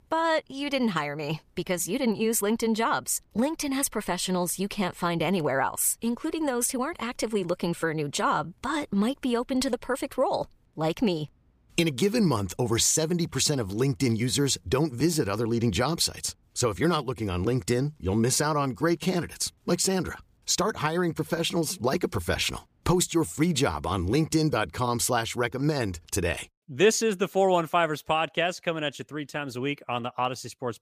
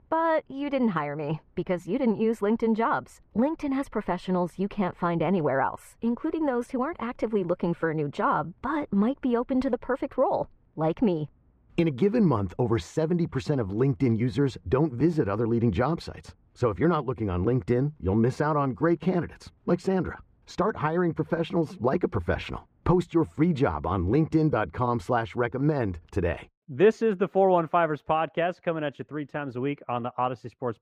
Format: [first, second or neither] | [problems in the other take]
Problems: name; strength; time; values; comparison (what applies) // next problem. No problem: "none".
first | muffled; very; fading above 3.5 kHz